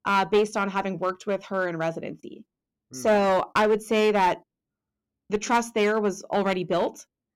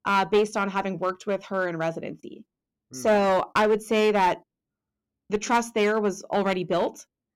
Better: neither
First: distortion; slight; 5% of the sound clipped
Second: distortion; slight; 5% of the sound clipped

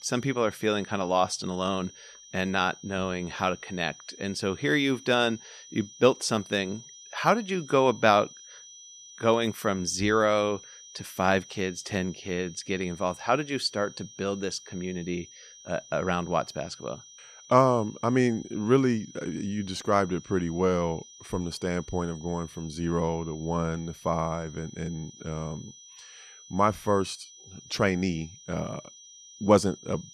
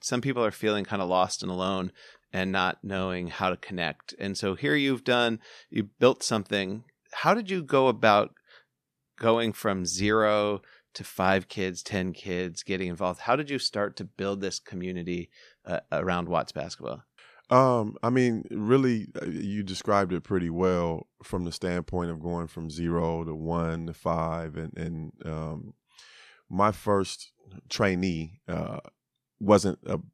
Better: second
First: high-pitched whine; noticeable; throughout; 6 kHz, 20 dB below the speech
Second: none

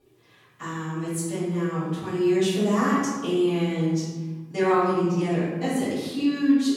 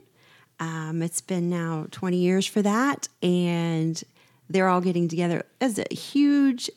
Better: second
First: off-mic speech; far // room echo; strong; dies away in 1.1 s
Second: none

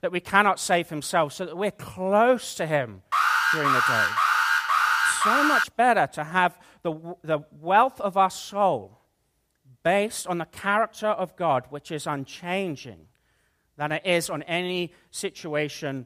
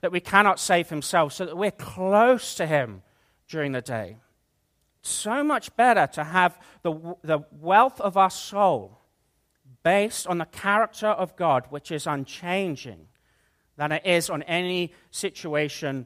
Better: second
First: alarm; loud; from 3 to 5.5 s; peak 5 dB above the speech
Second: none

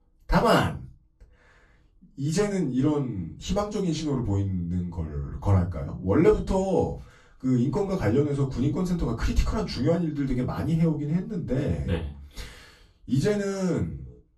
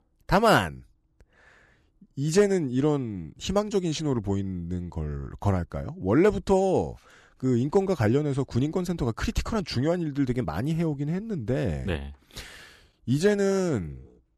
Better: second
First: off-mic speech; far // room echo; very slight; dies away in 0.2 s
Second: none

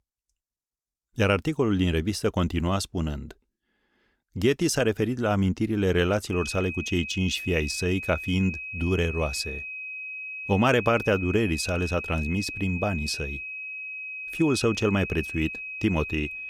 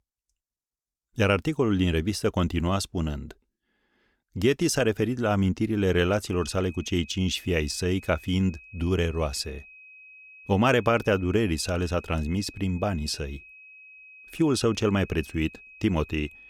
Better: second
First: high-pitched whine; loud; from 6.5 s on; 2.5 kHz, 7 dB below the speech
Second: high-pitched whine; faint; from 6.5 s on; 2.5 kHz, 20 dB below the speech

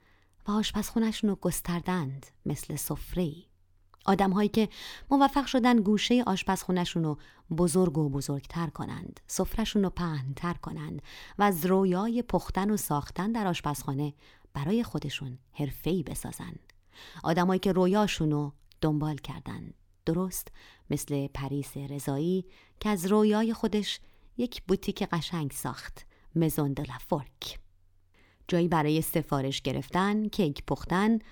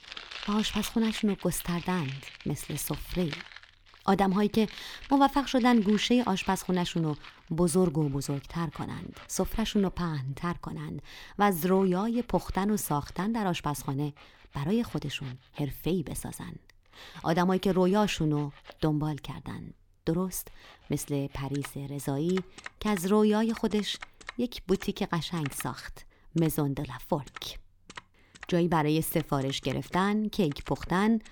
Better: first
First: none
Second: household noises; noticeable; throughout; 15 dB below the speech

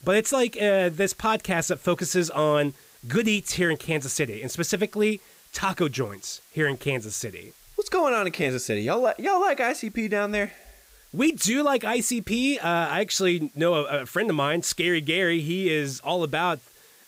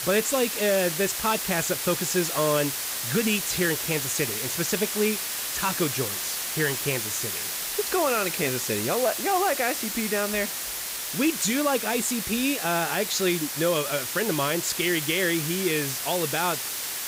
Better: first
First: hiss; faint; throughout; 30 dB below the speech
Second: hiss; loud; throughout; 2 dB below the speech

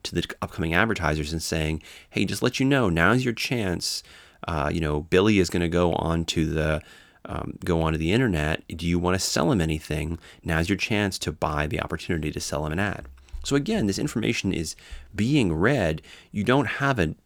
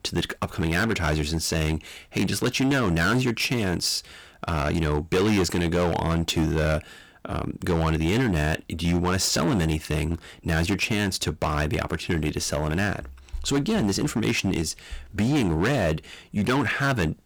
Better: first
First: none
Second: distortion; heavy; 12% of the sound clipped

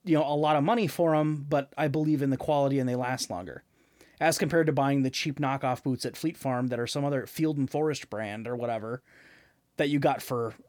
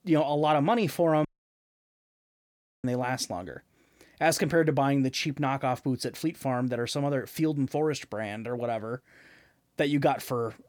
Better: first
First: none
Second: audio cutting out; at 1.5 s for 1.5 s

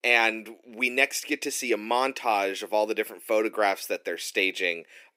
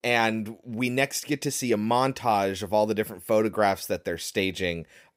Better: second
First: thin; somewhat; fading below 300 Hz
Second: none

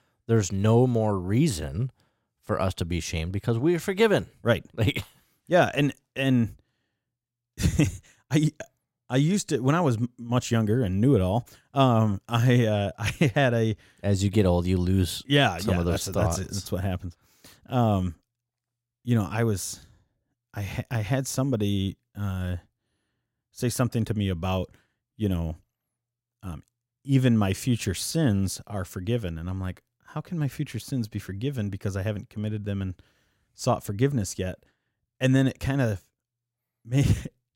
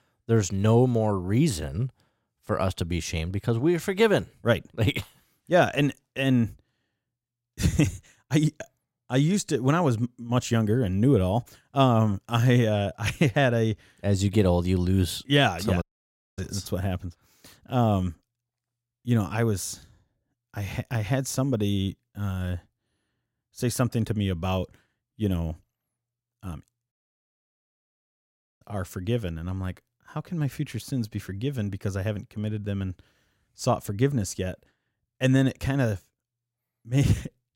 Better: first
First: none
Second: audio cutting out; at 16 s for 0.5 s and at 27 s for 1.5 s

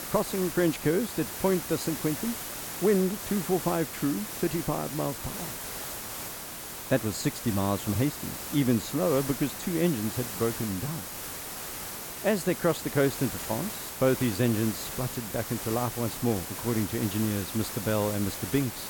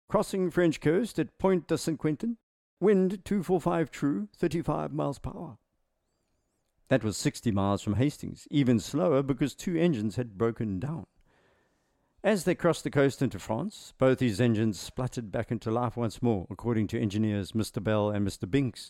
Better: second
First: hiss; loud; throughout; 6 dB below the speech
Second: none

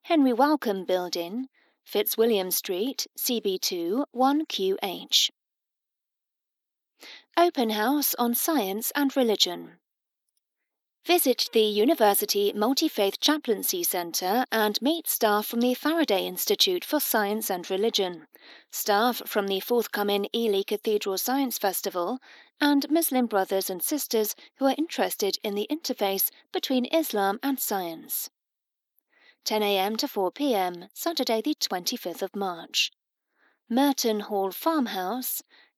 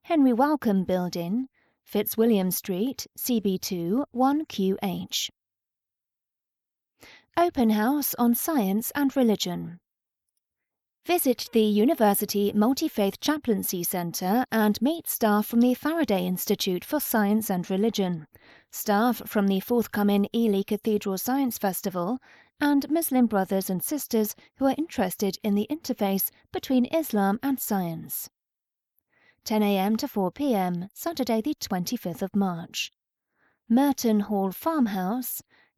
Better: second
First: thin; very slightly; fading below 300 Hz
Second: none

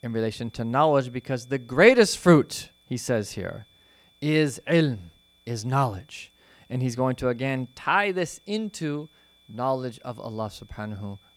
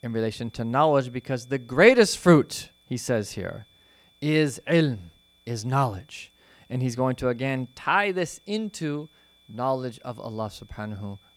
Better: neither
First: high-pitched whine; faint; throughout; 3.5 kHz, 35 dB below the speech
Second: high-pitched whine; faint; throughout; 3.5 kHz, 35 dB below the speech

